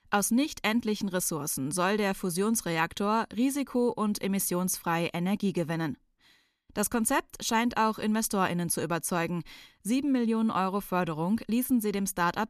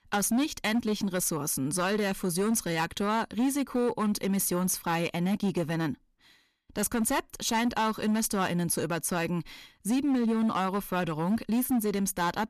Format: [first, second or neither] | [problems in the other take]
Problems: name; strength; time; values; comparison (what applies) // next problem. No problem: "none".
first | distortion; slight; 10% of the sound clipped